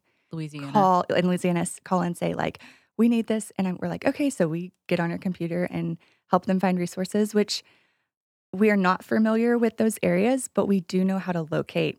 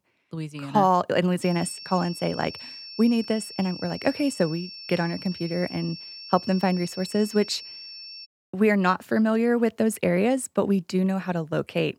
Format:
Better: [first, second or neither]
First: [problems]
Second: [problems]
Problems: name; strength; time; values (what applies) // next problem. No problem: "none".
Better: first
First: none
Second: high-pitched whine; noticeable; from 1.5 to 8.5 s; 5.5 kHz, 15 dB below the speech